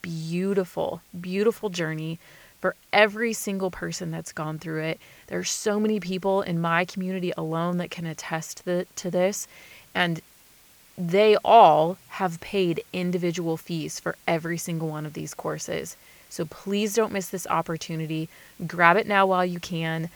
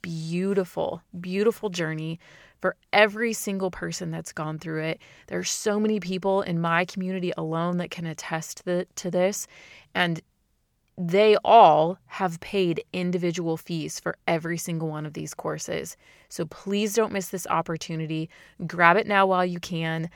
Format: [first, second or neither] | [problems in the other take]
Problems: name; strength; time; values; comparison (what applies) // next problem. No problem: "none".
second | hiss; faint; throughout; 25 dB below the speech